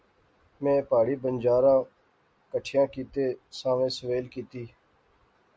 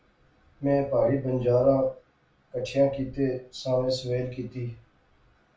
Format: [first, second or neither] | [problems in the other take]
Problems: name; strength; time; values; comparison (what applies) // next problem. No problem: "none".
first | room echo; dies away in 0.3 s